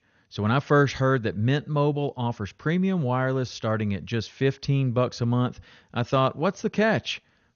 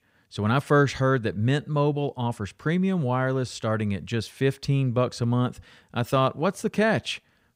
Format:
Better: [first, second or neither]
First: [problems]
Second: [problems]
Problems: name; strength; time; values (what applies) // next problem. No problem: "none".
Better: second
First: garbled, watery; slightly; nothing above 6.5 kHz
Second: none